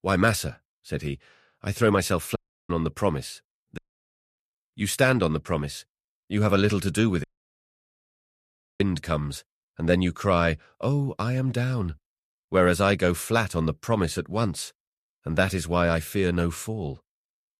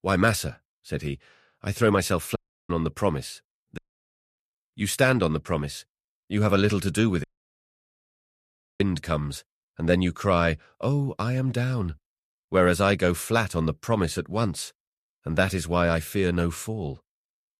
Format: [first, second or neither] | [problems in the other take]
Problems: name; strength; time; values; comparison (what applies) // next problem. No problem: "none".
neither | audio cutting out; at 2.5 s, at 4 s for 0.5 s and at 7 s for 1.5 s; the same in both